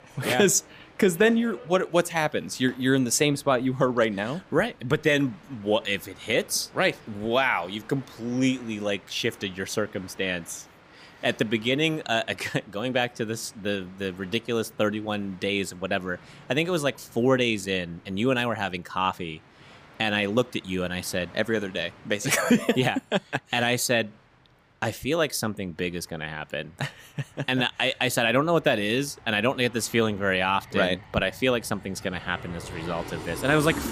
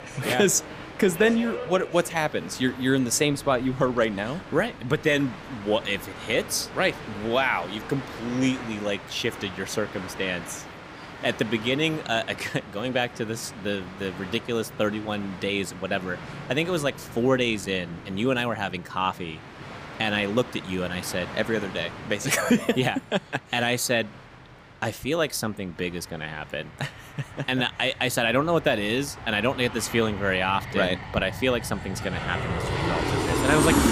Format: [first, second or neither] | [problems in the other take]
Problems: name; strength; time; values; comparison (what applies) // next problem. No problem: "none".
first | train or aircraft noise; loud; throughout; 9 dB below the speech; faint in the first